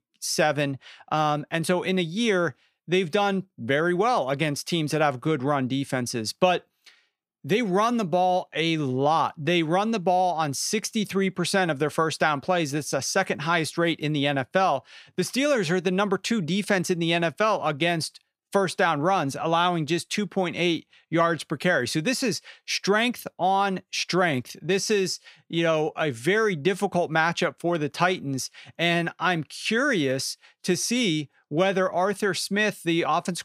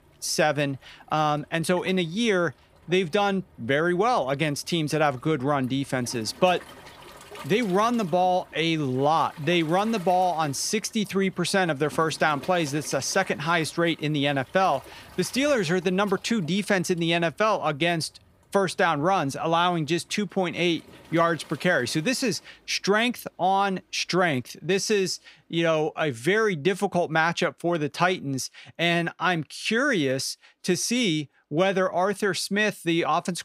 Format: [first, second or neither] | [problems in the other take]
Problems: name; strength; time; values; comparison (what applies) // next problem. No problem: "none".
first | rain or running water; faint; throughout; 25 dB below the speech